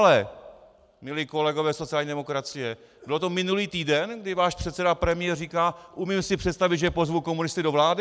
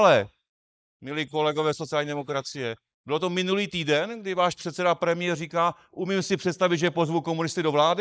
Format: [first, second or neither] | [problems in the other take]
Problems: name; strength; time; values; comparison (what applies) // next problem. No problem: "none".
first | noise reduction (neural mask model Resemble Enhance denoiser)